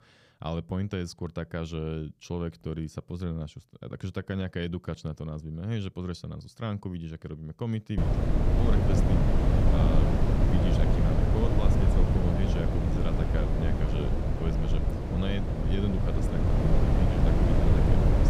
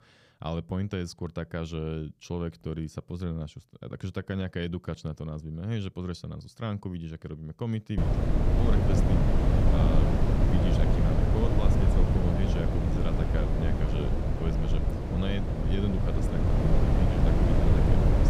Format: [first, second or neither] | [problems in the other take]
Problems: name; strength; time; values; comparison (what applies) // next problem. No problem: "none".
neither | wind noise on the microphone; heavy; from 8 s on; 5 dB above the speech; the same in both